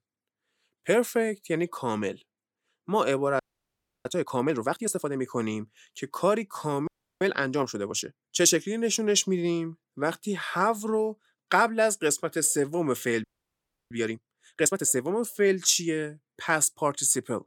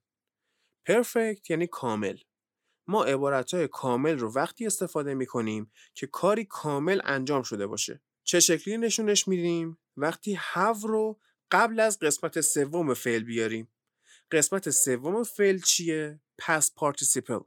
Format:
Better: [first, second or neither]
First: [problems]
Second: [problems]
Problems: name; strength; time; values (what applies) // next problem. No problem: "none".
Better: second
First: audio freezing; at 3.5 s for 0.5 s, at 7 s and at 13 s for 0.5 s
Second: none